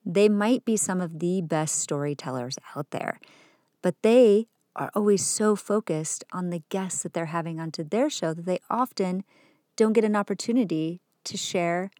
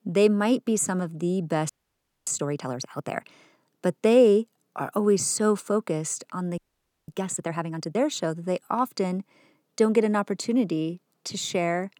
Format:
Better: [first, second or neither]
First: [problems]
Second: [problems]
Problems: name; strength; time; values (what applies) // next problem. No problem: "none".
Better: first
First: none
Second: audio freezing; at 1.5 s for 0.5 s and at 6.5 s for 0.5 s